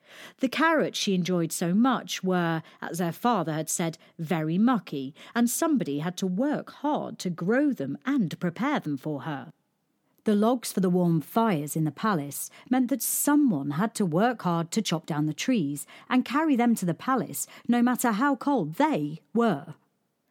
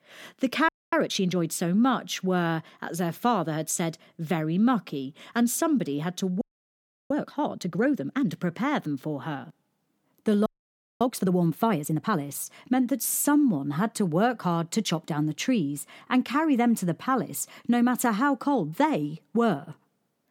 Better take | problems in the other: first | audio freezing; at 0.5 s, at 6.5 s for 0.5 s and at 10 s for 0.5 s

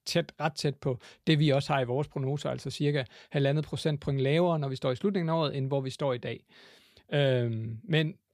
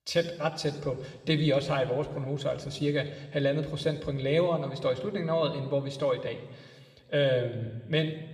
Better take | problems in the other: first | room echo; slight; dies away in 1.9 s // off-mic speech; somewhat distant

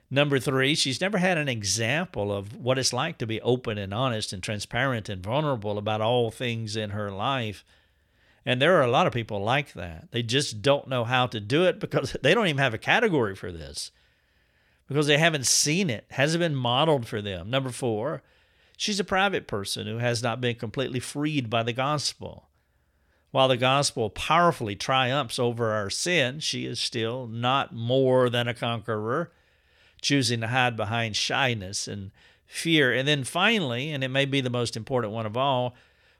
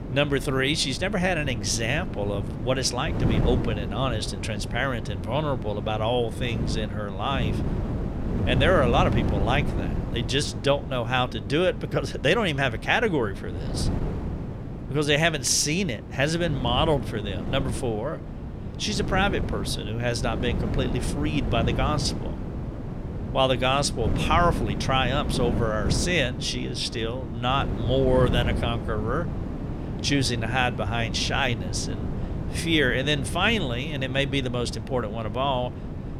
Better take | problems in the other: first | wind noise on the microphone; occasional gusts; 10 dB below the speech

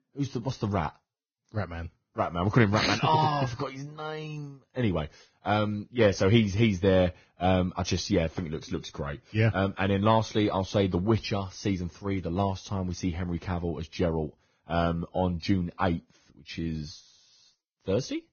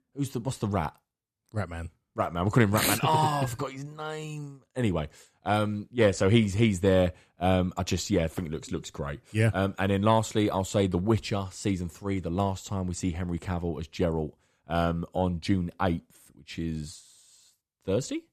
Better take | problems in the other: second | garbled, watery; badly; nothing above 6.5 kHz

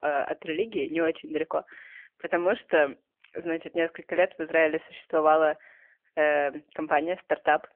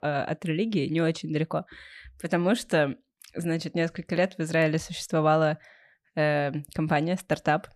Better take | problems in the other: second | phone-call audio

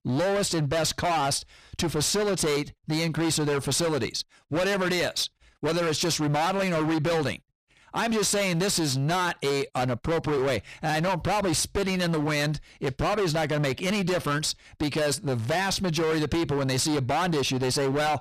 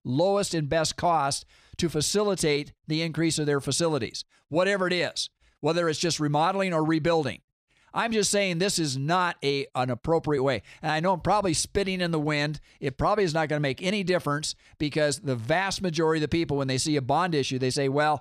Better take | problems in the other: second | distortion; heavy; 30% of the sound clipped

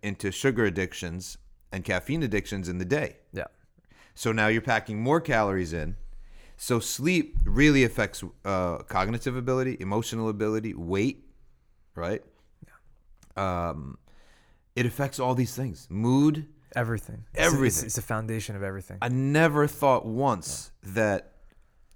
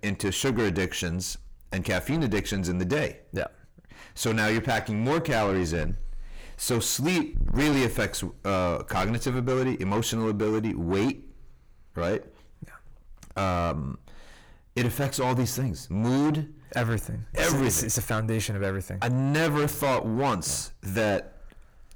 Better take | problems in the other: first | distortion; heavy; 6 dB below the speech

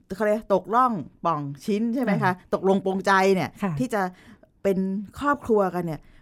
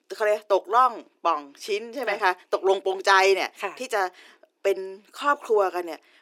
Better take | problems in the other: first | thin; very; fading below 350 Hz

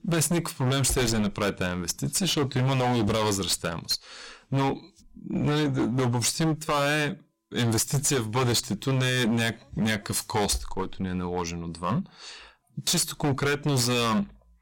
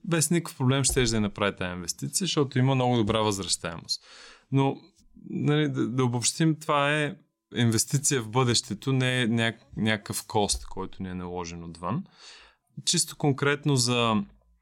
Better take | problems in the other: second | distortion; heavy; 19% of the sound clipped

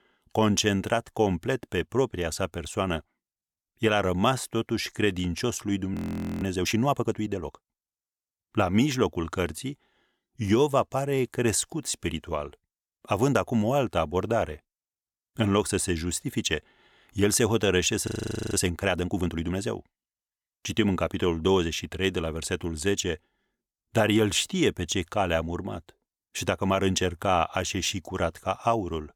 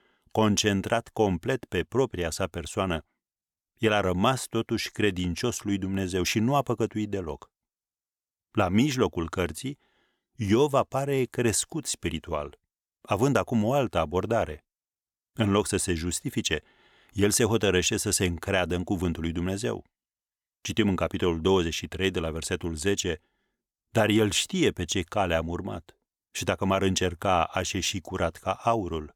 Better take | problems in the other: second | audio freezing; at 6 s and at 18 s

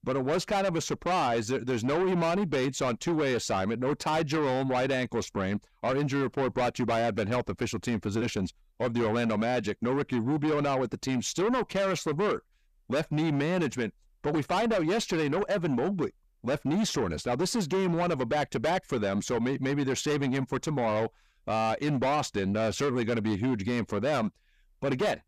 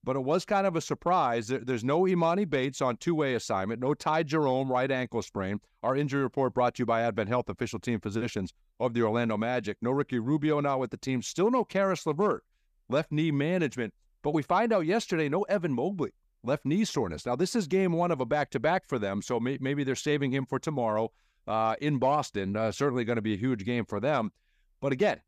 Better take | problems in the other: second | distortion; heavy; 8 dB below the speech

